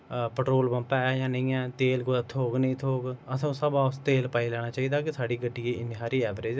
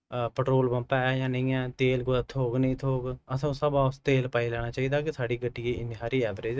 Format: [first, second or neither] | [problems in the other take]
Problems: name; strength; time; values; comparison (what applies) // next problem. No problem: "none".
first | noise reduction (neural mask model RNNoise)